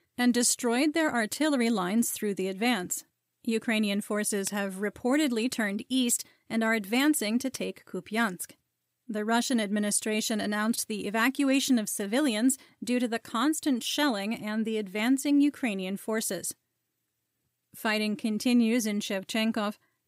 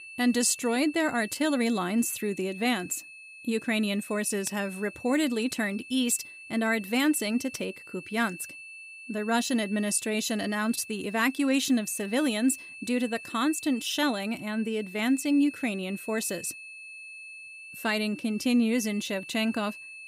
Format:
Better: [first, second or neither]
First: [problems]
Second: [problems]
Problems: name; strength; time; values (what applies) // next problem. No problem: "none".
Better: first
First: none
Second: high-pitched whine; noticeable; throughout; 2.5 kHz, 15 dB below the speech